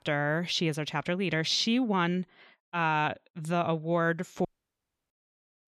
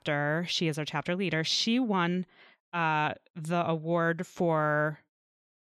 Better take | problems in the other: second | audio cutting out; at 4.5 s for 0.5 s

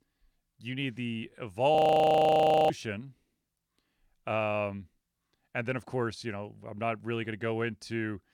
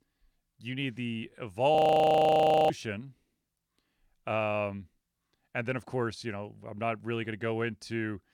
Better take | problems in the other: neither | audio freezing; at 2 s for 1 s; the same in both

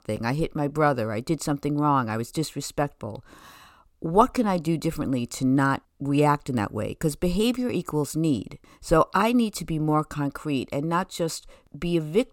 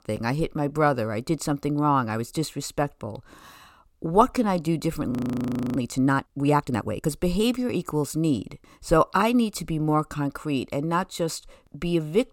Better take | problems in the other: first | audio freezing; at 5 s for 0.5 s

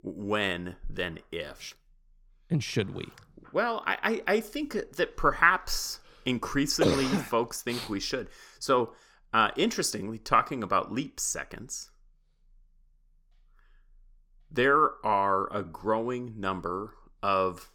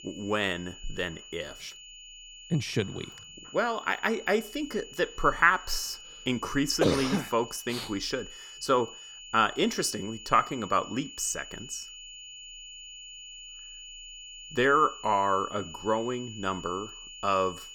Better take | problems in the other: first | high-pitched whine; noticeable; throughout; 3 kHz, 15 dB below the speech

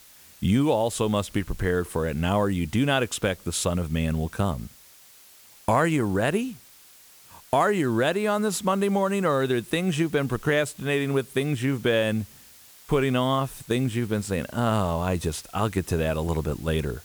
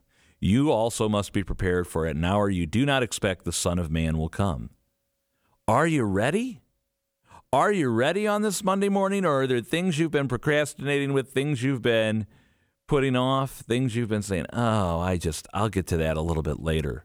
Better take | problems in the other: second | hiss; faint; throughout; 25 dB below the speech

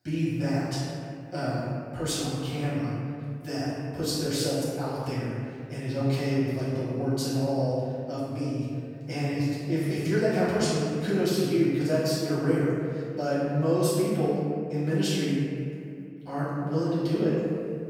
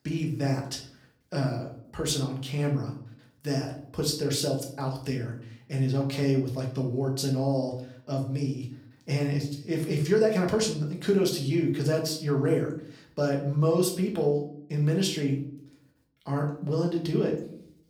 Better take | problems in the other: second | room echo; strong; dies away in 2.2 s; slight in the second // off-mic speech; far; somewhat distant in the second

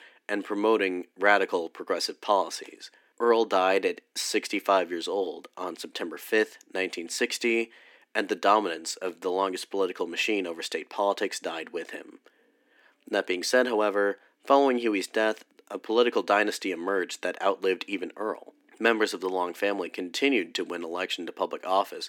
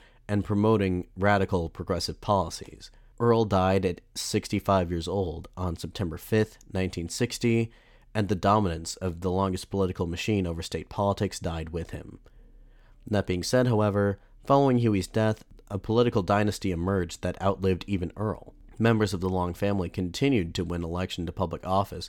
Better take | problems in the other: second | thin; somewhat; fading below 250 Hz

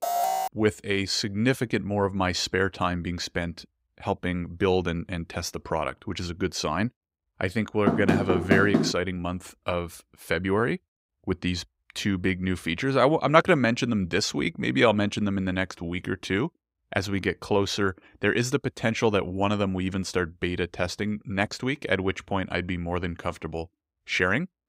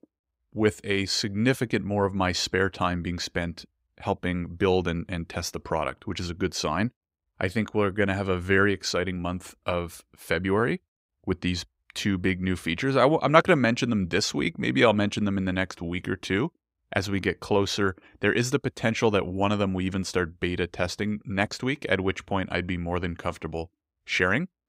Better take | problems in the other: second | alarm; loud; at the start; peak 1 dB above the speech // door banging; loud; from 8 to 9 s; peak 3 dB above the speech

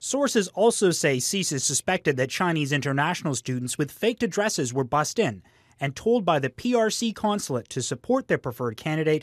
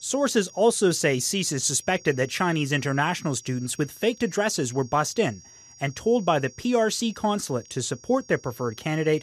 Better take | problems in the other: first | high-pitched whine; faint; throughout; 5.5 kHz, 20 dB below the speech

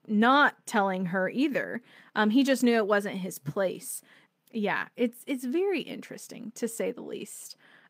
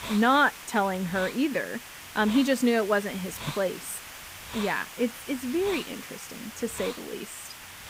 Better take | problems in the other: first | hiss; noticeable; throughout; 10 dB below the speech

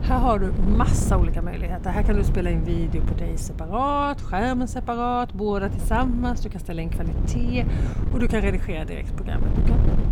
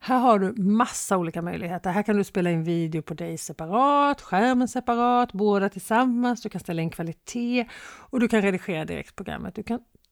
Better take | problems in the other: second | wind noise on the microphone; occasional gusts; 10 dB below the speech

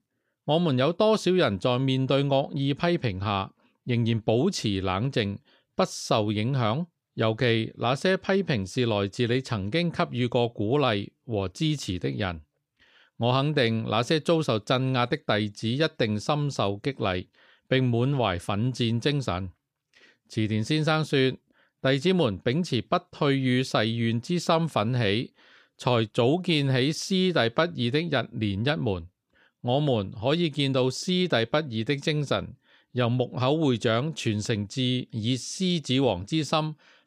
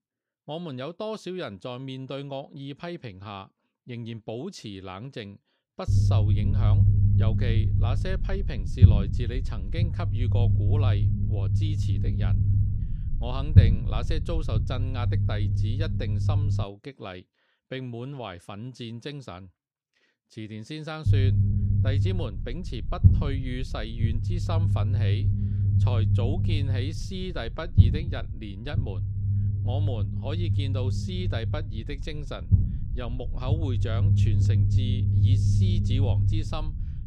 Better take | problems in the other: first | low rumble; loud; from 6 to 17 s and from 21 s on; 1 dB below the speech

